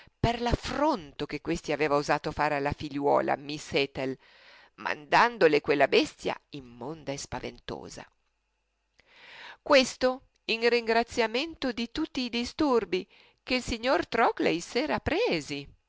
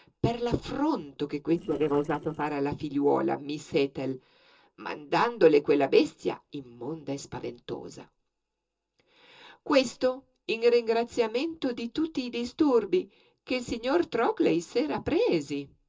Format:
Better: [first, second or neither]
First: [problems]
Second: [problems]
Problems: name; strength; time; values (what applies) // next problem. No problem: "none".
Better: first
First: none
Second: noise reduction (neural separator model SepFormer DNS4)